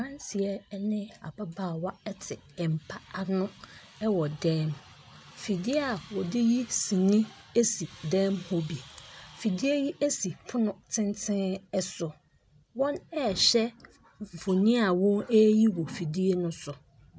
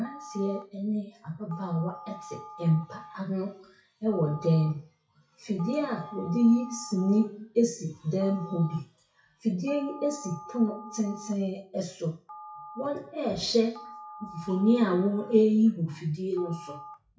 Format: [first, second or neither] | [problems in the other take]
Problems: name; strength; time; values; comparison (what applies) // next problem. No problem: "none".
first | noise reduction (classical method WPE with log-MMSE)